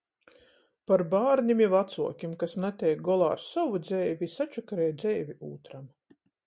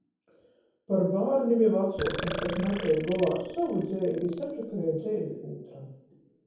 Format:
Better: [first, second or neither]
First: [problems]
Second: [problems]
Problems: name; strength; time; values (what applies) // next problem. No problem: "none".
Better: first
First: none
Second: background sound (Burping, eructation); 10 dB below the speech // room echo; dies away in 0.9 s